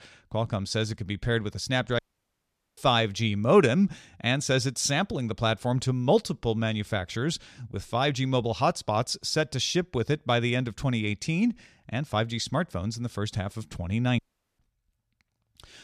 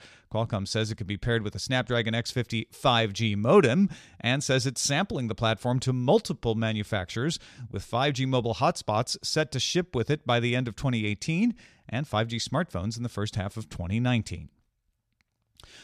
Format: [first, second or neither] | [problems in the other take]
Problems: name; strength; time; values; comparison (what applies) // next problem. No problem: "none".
second | audio cutting out; at 2 s for 1 s and at 14 s